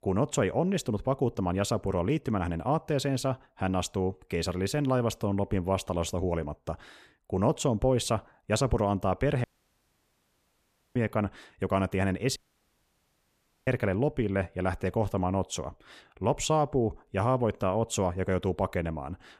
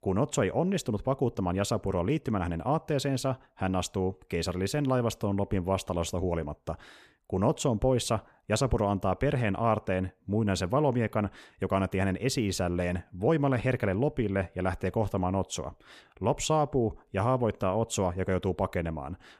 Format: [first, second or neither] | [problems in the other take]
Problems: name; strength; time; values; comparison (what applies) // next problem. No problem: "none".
second | audio cutting out; at 9.5 s for 1.5 s and at 12 s for 1.5 s